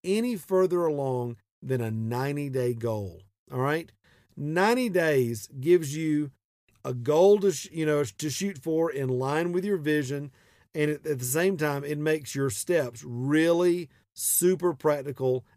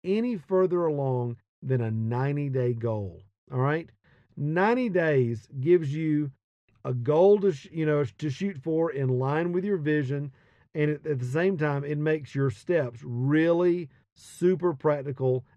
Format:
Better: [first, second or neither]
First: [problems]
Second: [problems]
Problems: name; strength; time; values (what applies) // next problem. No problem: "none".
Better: first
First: none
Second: muffled; very; fading above 2.5 kHz